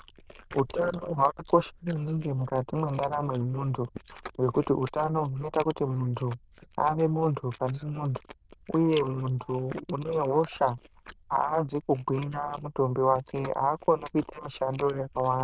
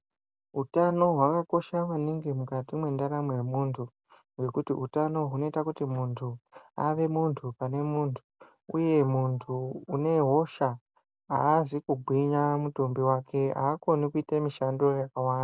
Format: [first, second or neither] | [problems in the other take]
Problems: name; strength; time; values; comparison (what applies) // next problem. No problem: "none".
second | noise reduction (neural diffusion model UNIVERSE++)